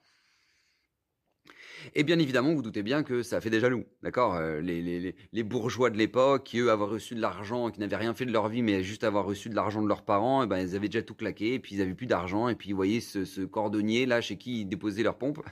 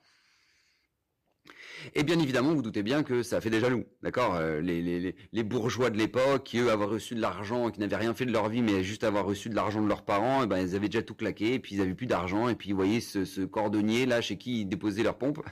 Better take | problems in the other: first | distortion; slight; 8% of the sound clipped

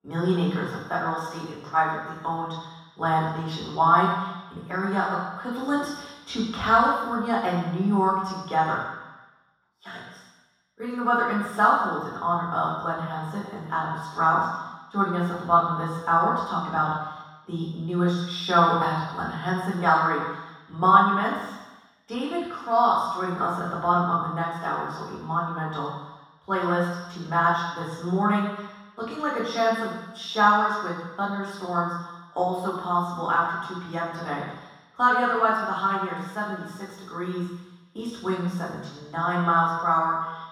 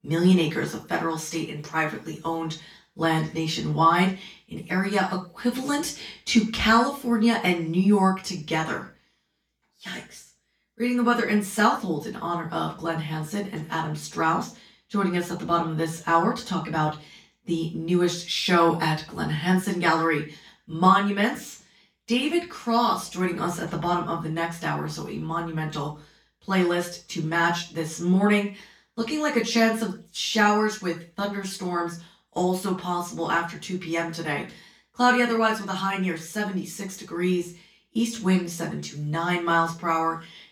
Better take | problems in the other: second | room echo; strong; dies away in 1.2 s; slight in the second // off-mic speech; far; far in the second

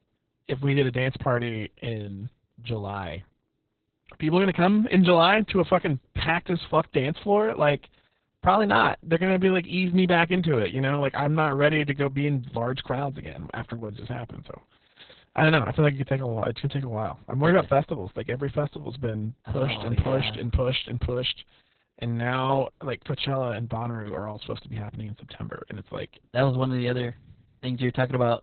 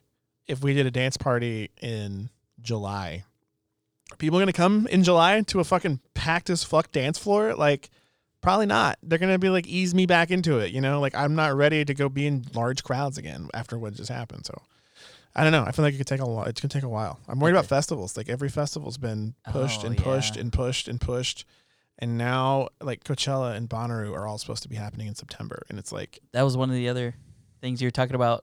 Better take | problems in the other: second | garbled, watery; badly; nothing above 4 kHz

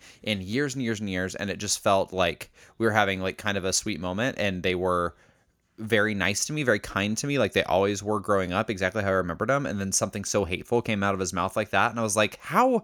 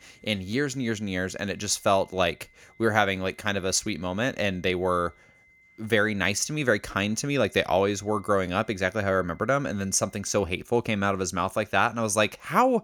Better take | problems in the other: first | high-pitched whine; faint; until 10 s; 2 kHz, 30 dB below the speech

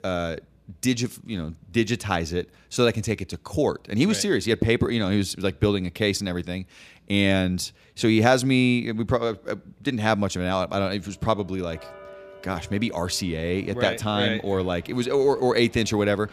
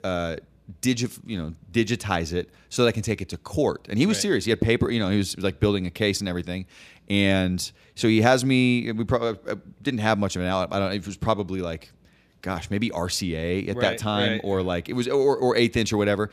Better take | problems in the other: second | household noises; faint; from 11 s on; 25 dB below the speech

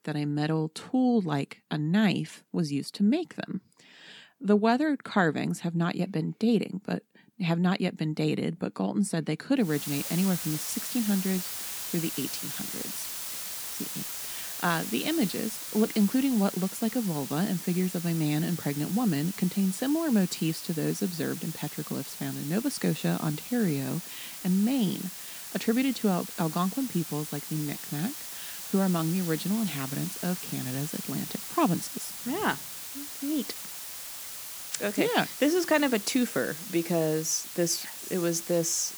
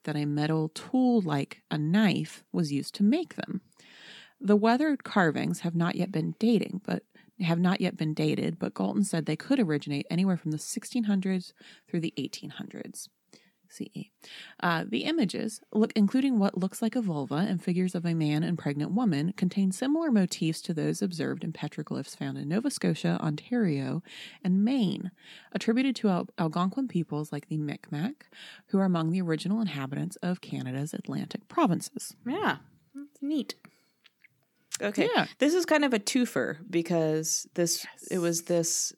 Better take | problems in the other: second | hiss; loud; from 9.5 s on; 7 dB below the speech

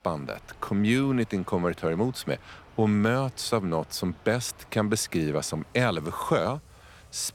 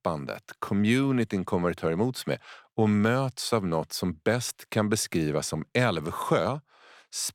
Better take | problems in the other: second | rain or running water; faint; throughout; 25 dB below the speech

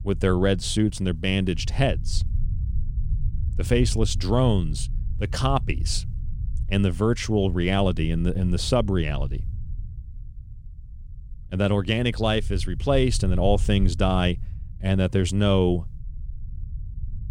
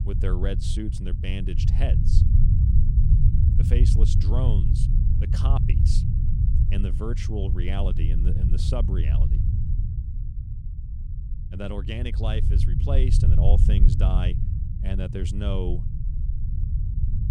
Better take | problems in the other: first | low rumble; loud; throughout; 3 dB below the speech; faint in the first

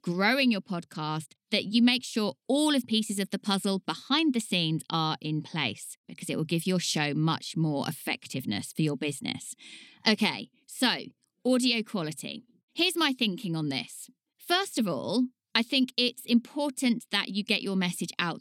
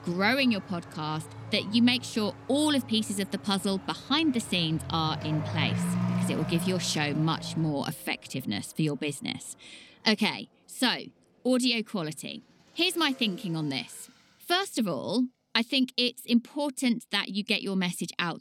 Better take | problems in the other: first | traffic noise; loud; throughout; 9 dB below the speech

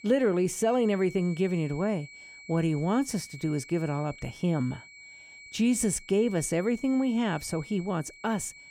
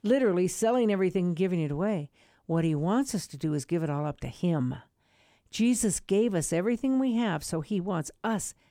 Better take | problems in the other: second | high-pitched whine; noticeable; throughout; 2.5 kHz, 20 dB below the speech

